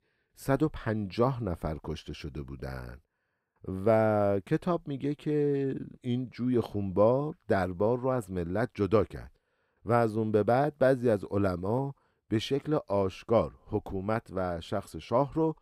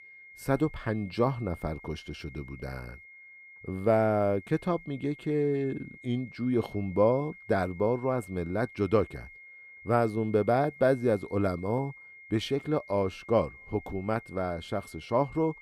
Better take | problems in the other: first | high-pitched whine; noticeable; throughout; 2 kHz, 20 dB below the speech

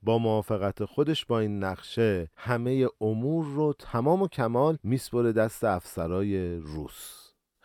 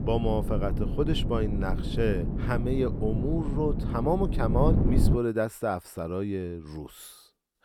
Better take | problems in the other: first | wind noise on the microphone; heavy; until 5 s; 7 dB below the speech

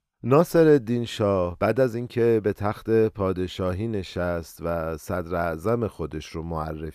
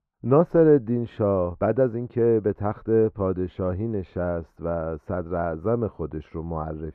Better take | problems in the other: first | muffled; very; fading above 3 kHz

